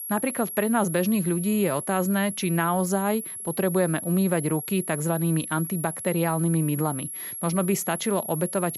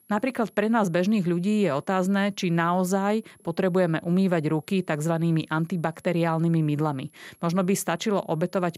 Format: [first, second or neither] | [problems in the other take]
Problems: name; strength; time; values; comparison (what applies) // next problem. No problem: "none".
second | high-pitched whine; loud; throughout; 11.5 kHz, 7 dB below the speech; faint in the second